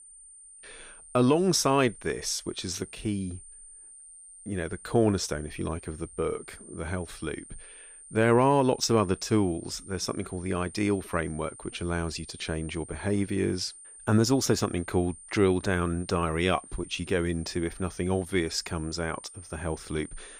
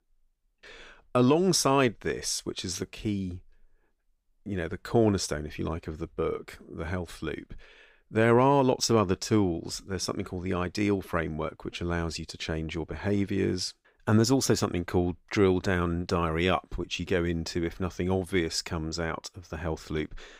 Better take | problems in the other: second | high-pitched whine; noticeable; throughout; 9 kHz, 15 dB below the speech

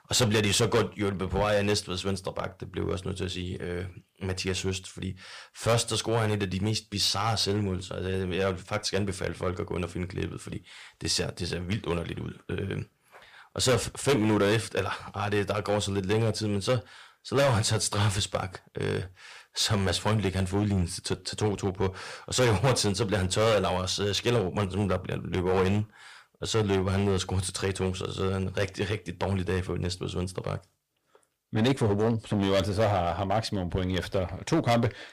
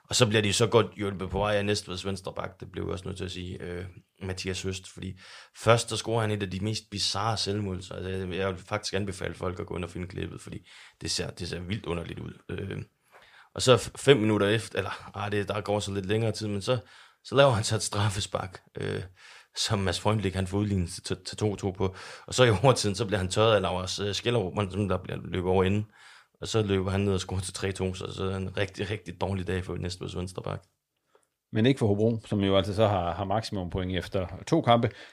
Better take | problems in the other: second | distortion; heavy; 6% of the sound clipped

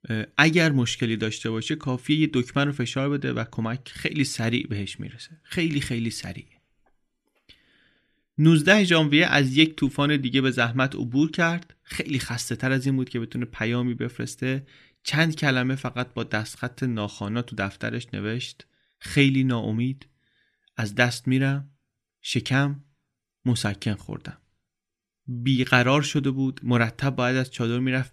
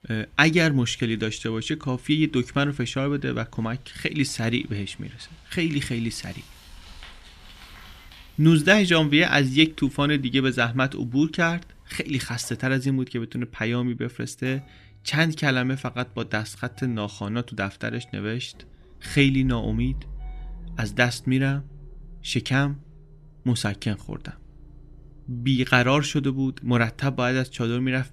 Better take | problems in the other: first | traffic noise; faint; throughout; 25 dB below the speech

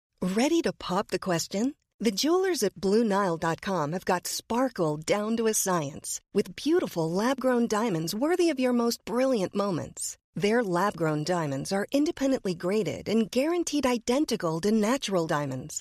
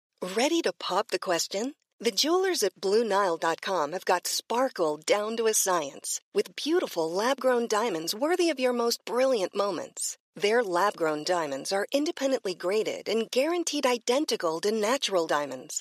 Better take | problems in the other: first | thin; somewhat; fading below 450 Hz

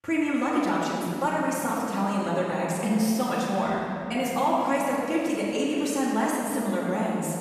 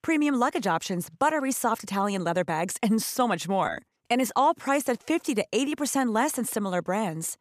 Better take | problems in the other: second | off-mic speech; far // room echo; strong; dies away in 3 s

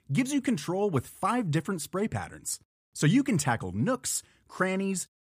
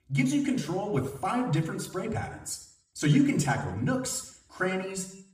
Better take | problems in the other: first | room echo; slight; dies away in 0.7 s // off-mic speech; somewhat distant

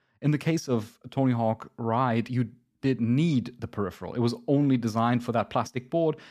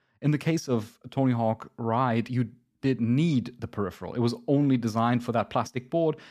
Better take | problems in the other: neither | none

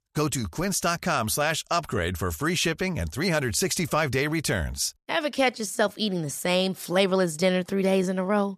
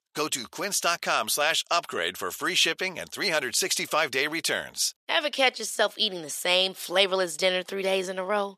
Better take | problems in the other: first | thin; somewhat; fading below 400 Hz

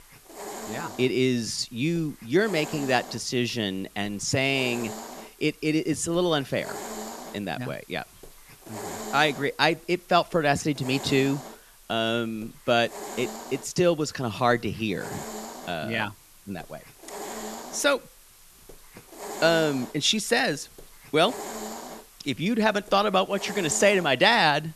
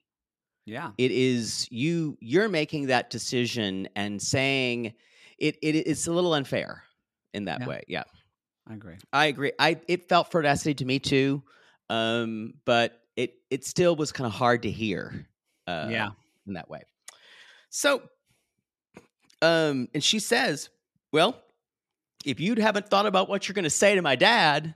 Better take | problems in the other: second | hiss; noticeable; throughout; 15 dB below the speech

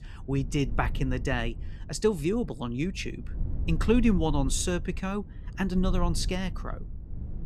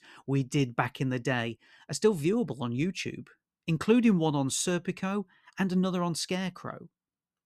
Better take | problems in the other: second | low rumble; noticeable; throughout; 20 dB below the speech

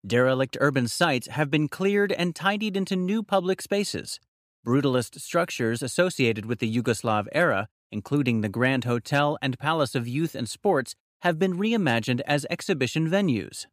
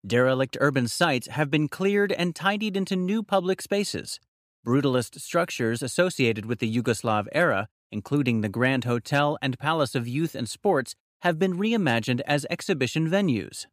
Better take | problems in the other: neither | none

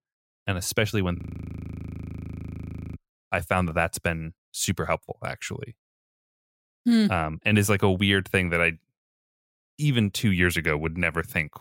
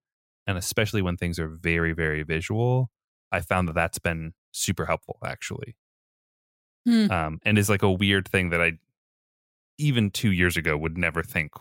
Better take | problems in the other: second | audio freezing; at 1 s for 2 s

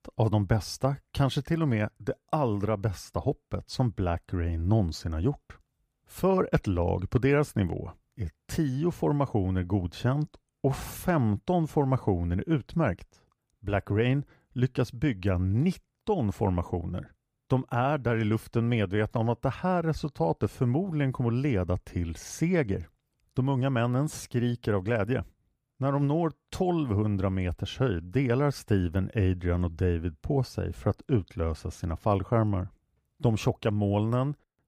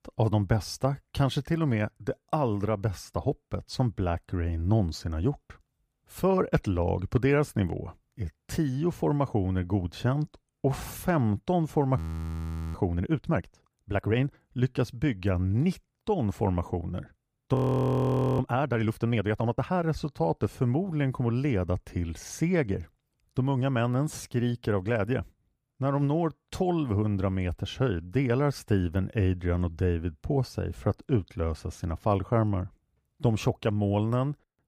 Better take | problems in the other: first | audio freezing; at 12 s for 1 s and at 18 s for 1 s

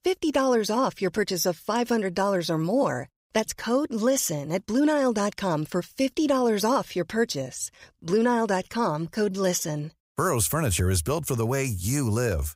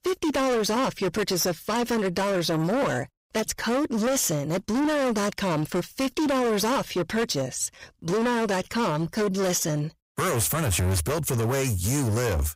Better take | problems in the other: first | distortion; heavy; 28% of the sound clipped

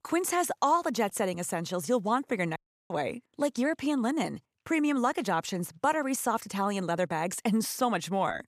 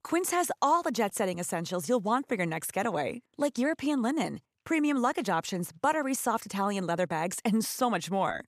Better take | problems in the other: second | audio cutting out; at 2.5 s

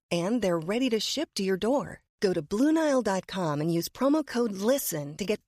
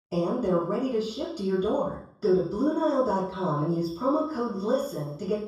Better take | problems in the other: first | room echo; noticeable; dies away in 0.6 s // off-mic speech; far

